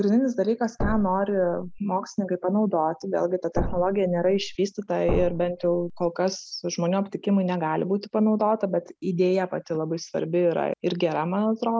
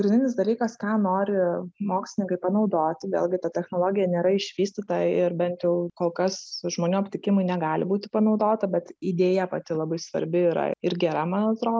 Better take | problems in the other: second | background sound (Thump, thud); 6 dB below the speech

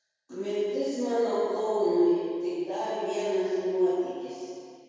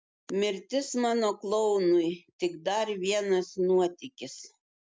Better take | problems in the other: second | room echo; dies away in 2.2 s

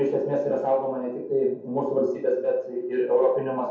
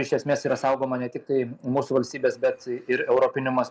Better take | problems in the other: second | room echo; dies away in 0.7 s

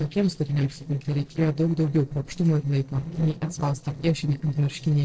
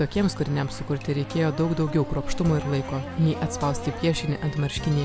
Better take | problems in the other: second | noise reduction (neural separator model SepFormer DNS4)

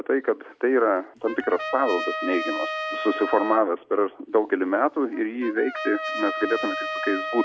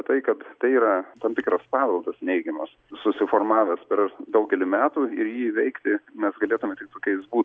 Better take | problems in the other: second | background sound (Trumpet); 8 dB below the speech

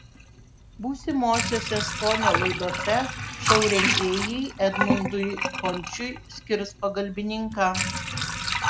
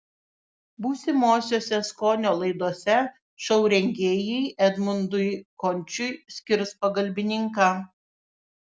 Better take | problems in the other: second | background sound (Sink (filling or washing) / Water); 1 dB below the speech

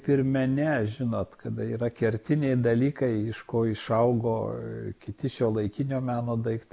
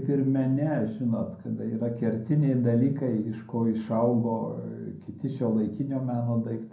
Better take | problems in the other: first | room echo; dies away in 0.5 s

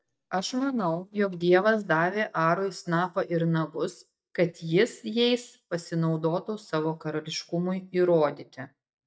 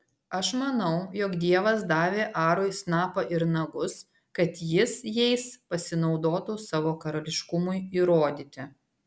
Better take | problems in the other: second | noise reduction (neural mask model DeepFilterNet 3)

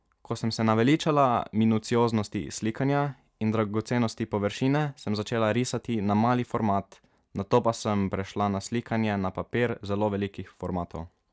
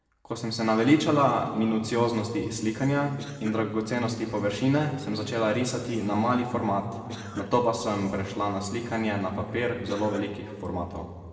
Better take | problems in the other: first | noise reduction (neural separator model SepFormer DNS4)

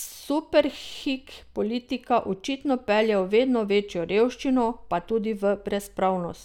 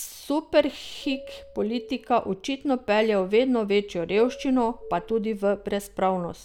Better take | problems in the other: first | background sound (Doorbell); 20 dB below the speech

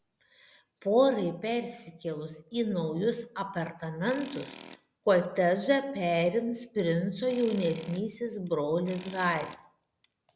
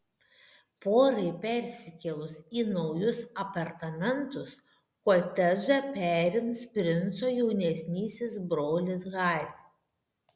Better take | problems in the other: second | background sound (Tools); 20 dB below the speech

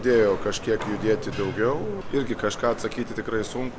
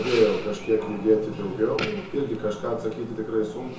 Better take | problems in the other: first | background sound (Fireworks); 14 dB below the speech // room echo; dies away in 0.6 s

